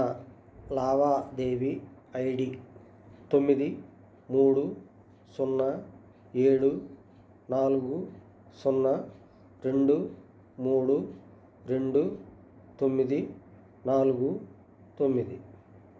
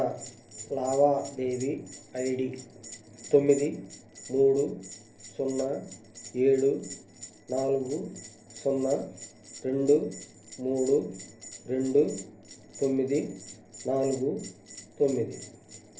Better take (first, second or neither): first